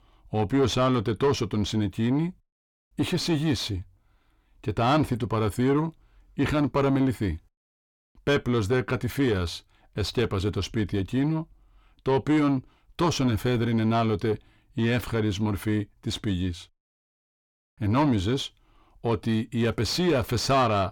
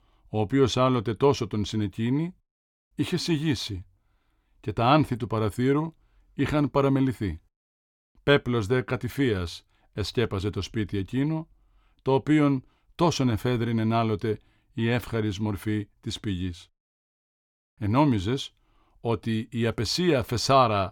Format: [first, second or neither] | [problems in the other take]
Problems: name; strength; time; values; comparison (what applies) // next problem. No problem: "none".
second | distortion; slight; 9 dB below the speech